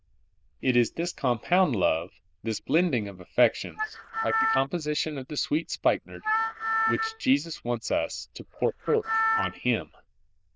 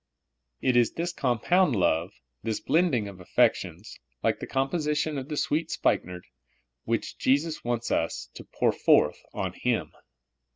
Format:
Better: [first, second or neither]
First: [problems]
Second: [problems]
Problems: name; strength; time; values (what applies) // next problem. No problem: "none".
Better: second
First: noise reduction (neural diffusion model UNIVERSE++)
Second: none